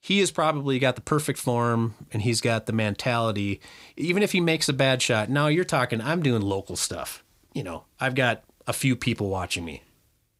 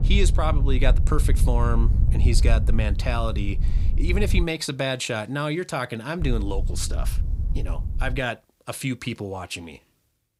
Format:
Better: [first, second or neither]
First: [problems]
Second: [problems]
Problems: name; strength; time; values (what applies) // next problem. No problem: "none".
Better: first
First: none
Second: wind noise on the microphone; occasional gusts; until 4.5 s and from 6 to 8 s; 15 dB below the speech